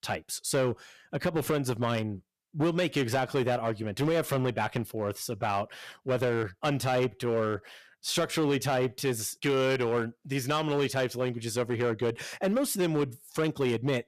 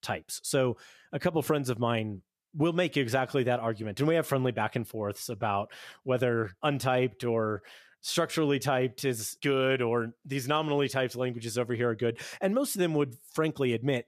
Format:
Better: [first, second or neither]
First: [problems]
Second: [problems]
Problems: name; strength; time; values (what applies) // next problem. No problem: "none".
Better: second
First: distortion; slight; 8% of the sound clipped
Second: none